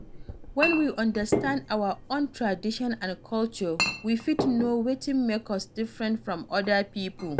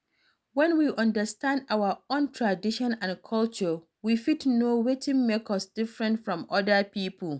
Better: second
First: background sound (Chink, clink); 6 dB below the speech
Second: none

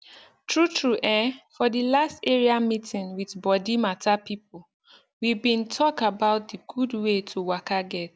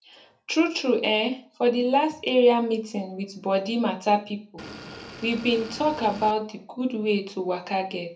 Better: first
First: none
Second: background sound (Motor vehicle (road) / Engine); 14 dB below the speech // room echo; dies away in 0.3 s

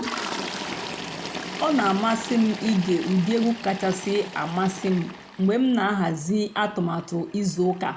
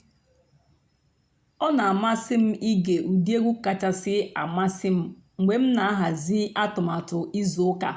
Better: second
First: background sound (Toilet flush); 11 dB below the speech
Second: none

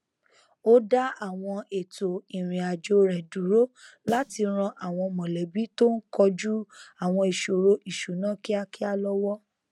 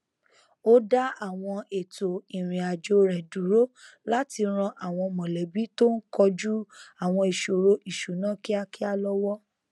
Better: second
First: background sound (Snare drum); 18 dB below the speech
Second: none

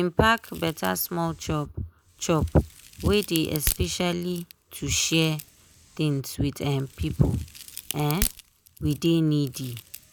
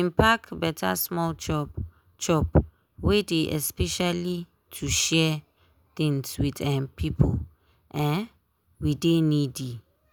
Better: second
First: background sound (Crack); 12 dB below the speech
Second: none

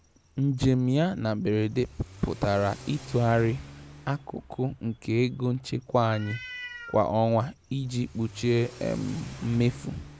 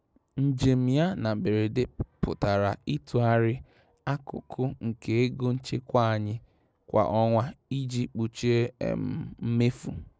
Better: second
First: background sound (Accelerating, revving, vroom / Car + Meow); 18 dB below the speech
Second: none

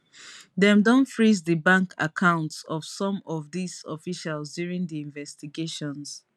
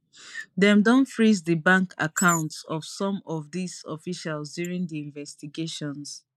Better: first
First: none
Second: noise reduction (neural mask model Resemble Enhance denoiser)

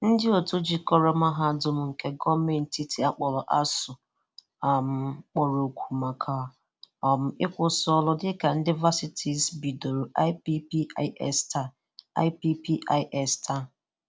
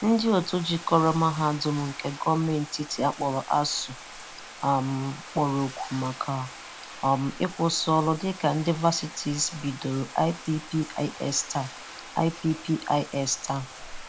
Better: first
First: none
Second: background sound (Bathtub (filling or washing)); 15 dB below the speech

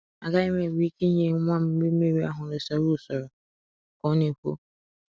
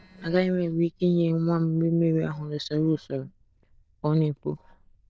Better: first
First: none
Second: noise reduction (neural diffusion model UNIVERSE++)

